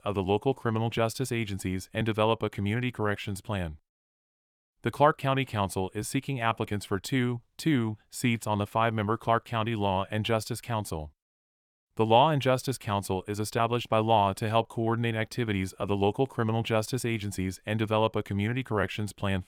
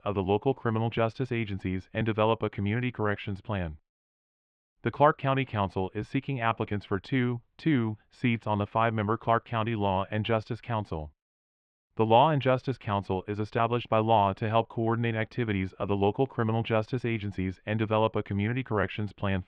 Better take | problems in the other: first | muffled; very; fading above 3 kHz

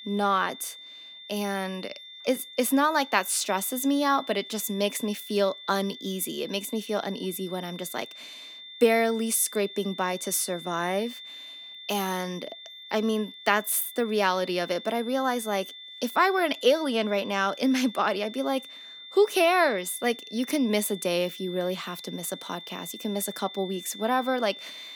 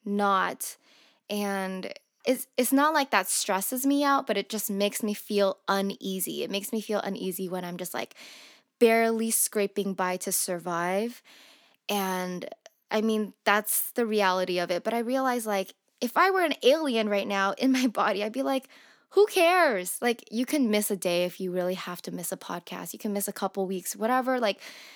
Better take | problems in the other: second | high-pitched whine; noticeable; throughout; 3.5 kHz, 15 dB below the speech

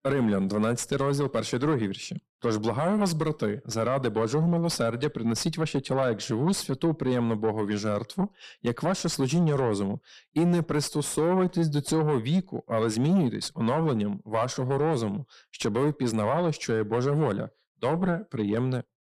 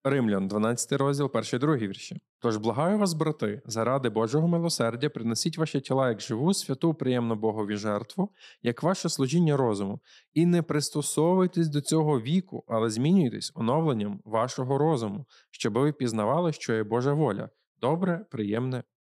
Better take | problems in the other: second | distortion; slight; 10 dB below the speech

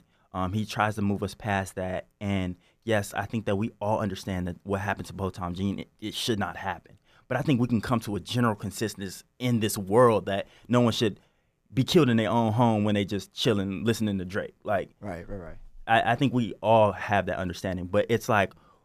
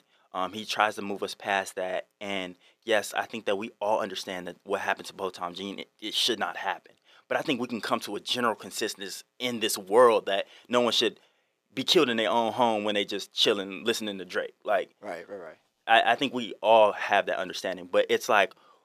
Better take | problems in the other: first | thin; somewhat; fading below 400 Hz

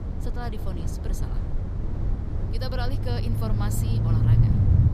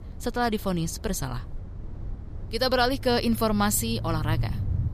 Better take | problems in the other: second | low rumble; loud; throughout; as loud as the speech; faint in the second

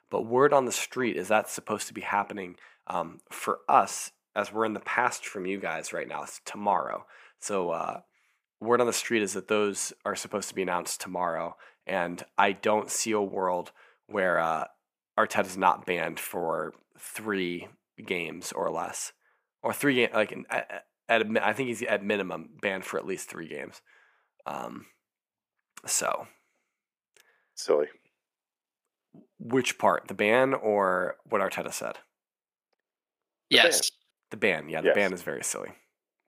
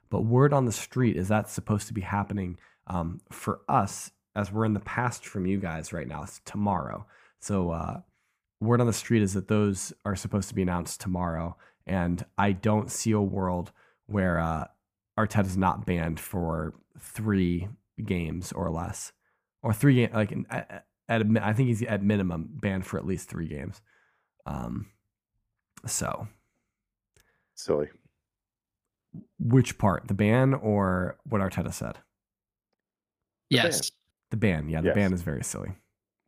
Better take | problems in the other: second | thin; somewhat; fading below 450 Hz

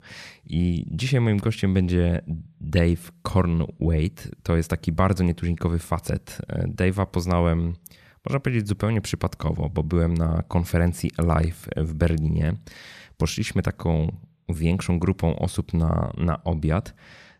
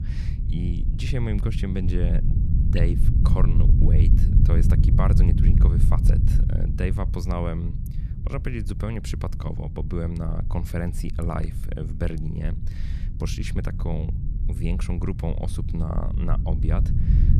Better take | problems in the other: first | low rumble; loud; throughout; 4 dB below the speech

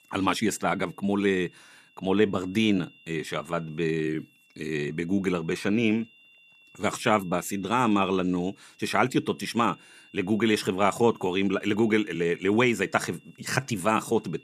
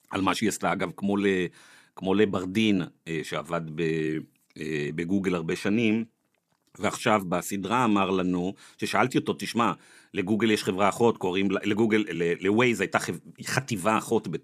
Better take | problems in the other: second | high-pitched whine; faint; throughout; 3 kHz, 30 dB below the speech

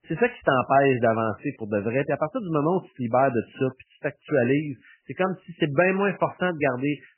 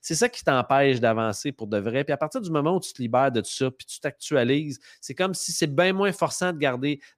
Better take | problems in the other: second | garbled, watery; badly; nothing above 3 kHz

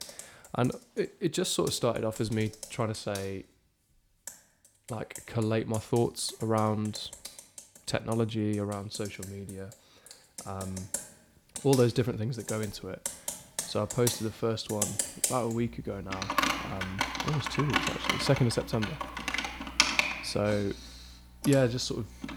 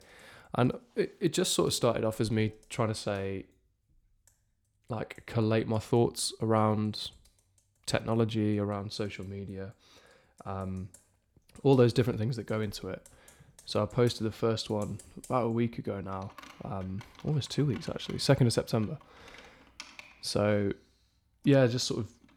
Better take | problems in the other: second | household noises; loud; throughout; 2 dB below the speech; faint in the second

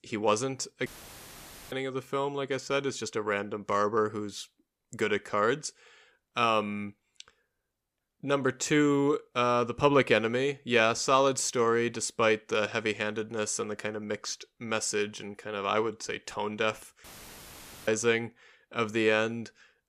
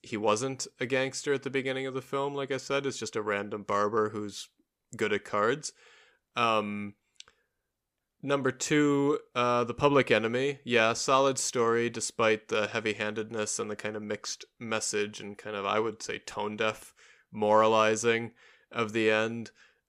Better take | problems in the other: second | audio cutting out; filled with static; at 1 s for 1 s and at 17 s for 1 s

